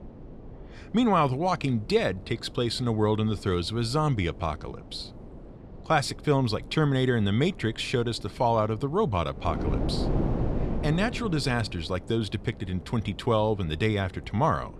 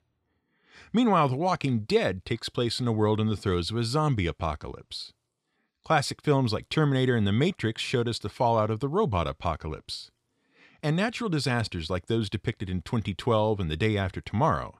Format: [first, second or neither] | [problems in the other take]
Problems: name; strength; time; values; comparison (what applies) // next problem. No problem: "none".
second | wind noise on the microphone; occasional gusts; 15 dB below the speech